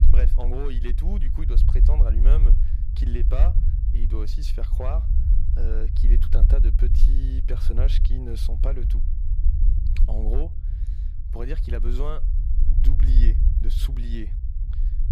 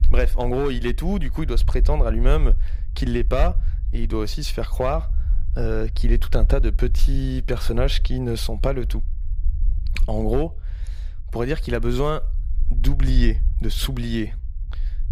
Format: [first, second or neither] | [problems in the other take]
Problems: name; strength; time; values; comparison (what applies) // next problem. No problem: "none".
second | low rumble; loud; throughout; 6 dB below the speech; faint in the second